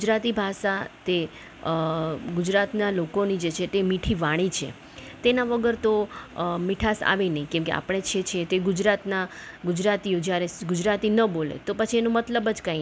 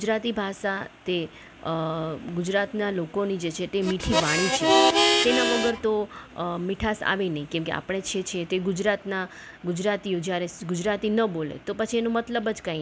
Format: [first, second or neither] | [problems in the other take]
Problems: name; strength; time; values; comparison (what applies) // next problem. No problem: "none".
first | background sound (Harmonica); 5 dB above the speech